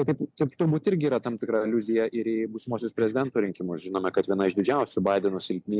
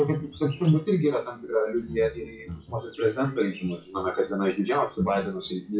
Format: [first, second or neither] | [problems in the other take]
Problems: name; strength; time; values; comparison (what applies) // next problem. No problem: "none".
first | noise reduction (classical method WPE with log-MMSE)